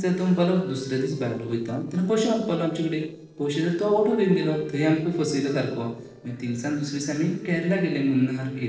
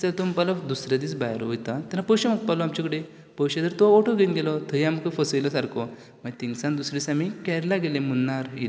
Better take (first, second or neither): second